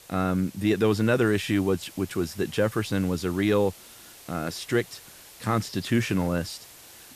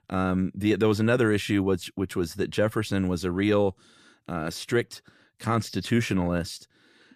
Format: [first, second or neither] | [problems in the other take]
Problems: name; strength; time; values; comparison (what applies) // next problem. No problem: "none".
second | hiss; noticeable; throughout; 20 dB below the speech